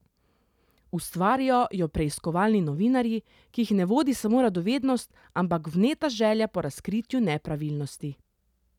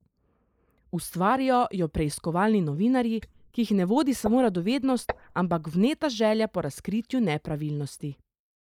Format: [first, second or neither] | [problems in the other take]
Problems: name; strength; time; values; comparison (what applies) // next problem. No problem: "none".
first | noise reduction (neural mask model Resemble Enhance denoiser)